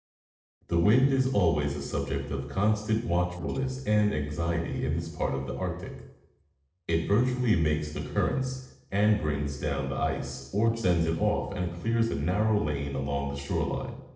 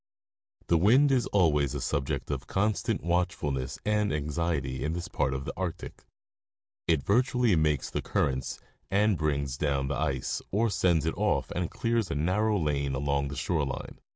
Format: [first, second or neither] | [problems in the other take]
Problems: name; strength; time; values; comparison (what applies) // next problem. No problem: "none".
second | noise reduction (neural separator model SepFormer DNS4)